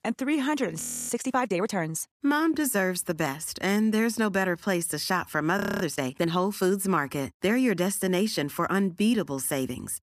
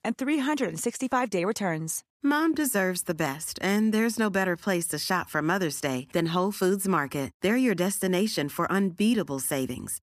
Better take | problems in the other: second | audio freezing; at 1 s and at 5.5 s

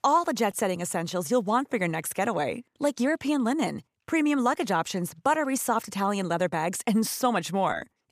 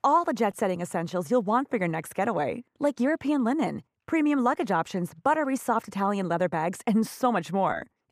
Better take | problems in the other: first | muffled; slightly; fading above 2.5 kHz

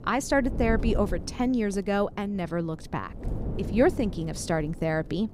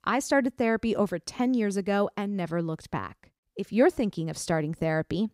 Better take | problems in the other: second | wind noise on the microphone; occasional gusts; 15 dB below the speech

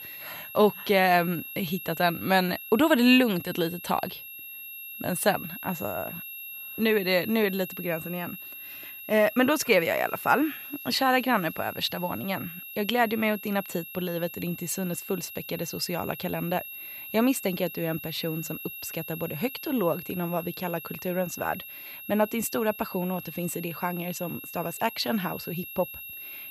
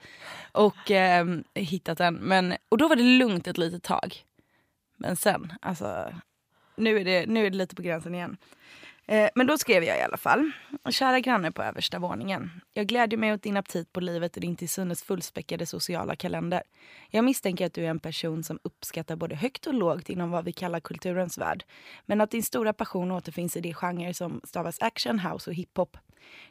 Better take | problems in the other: second | high-pitched whine; noticeable; throughout; 2.5 kHz, 10 dB below the speech

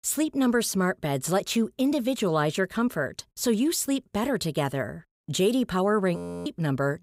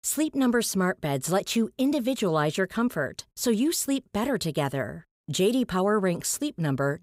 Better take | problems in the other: second | audio freezing; at 6 s

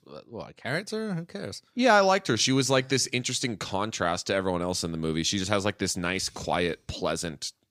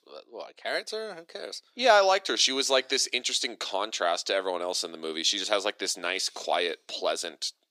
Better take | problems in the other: first | thin; somewhat; fading below 350 Hz

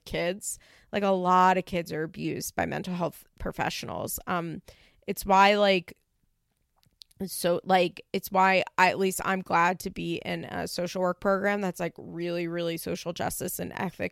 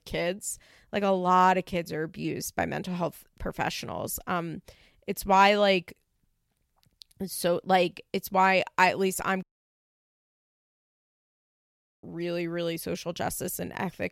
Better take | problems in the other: first | audio cutting out; at 9.5 s for 2.5 s

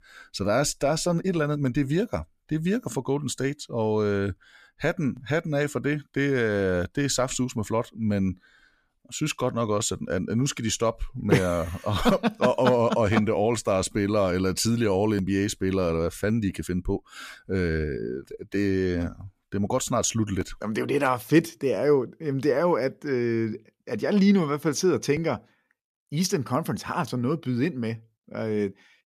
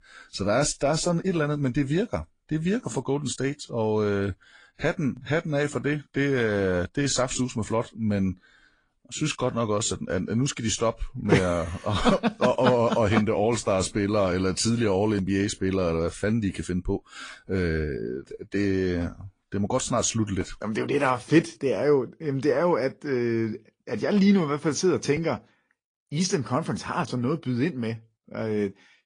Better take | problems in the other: first | garbled, watery; slightly; nothing above 9 kHz

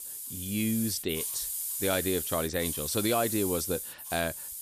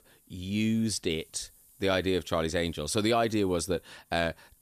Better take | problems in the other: second | hiss; loud; throughout; 2 dB below the speech; faint in the second

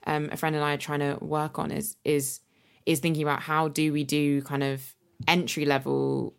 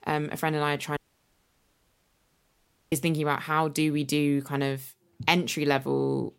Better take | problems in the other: first | audio cutting out; at 1 s for 2 s

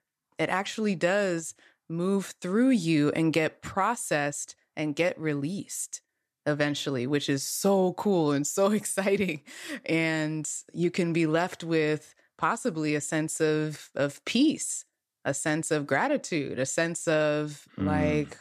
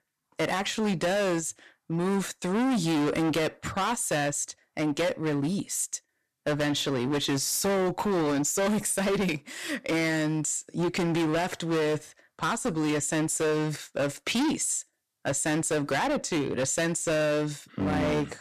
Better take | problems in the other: first | distortion; heavy; 23% of the sound clipped

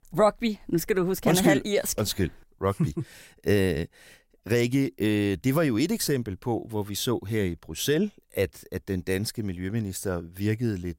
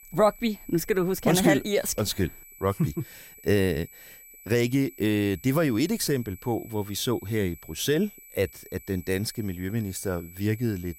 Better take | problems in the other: first | high-pitched whine; noticeable; throughout; 2.5 kHz, 20 dB below the speech

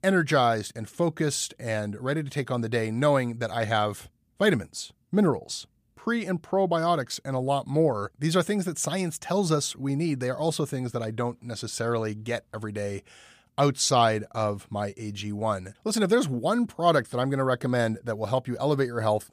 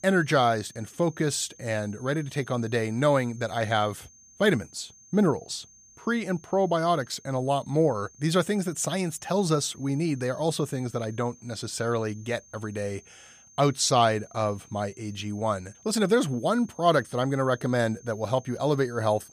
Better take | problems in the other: first | high-pitched whine; faint; throughout; 6.5 kHz, 25 dB below the speech

